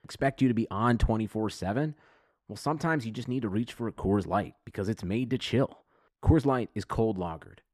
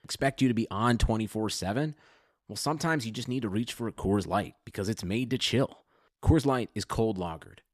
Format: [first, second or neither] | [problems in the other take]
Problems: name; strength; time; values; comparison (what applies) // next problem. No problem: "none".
second | muffled; slightly; fading above 2.5 kHz